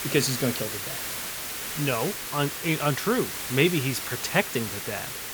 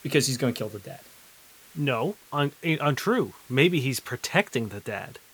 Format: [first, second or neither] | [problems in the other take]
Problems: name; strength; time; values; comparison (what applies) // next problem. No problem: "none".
second | hiss; loud; throughout; 4 dB below the speech; faint in the second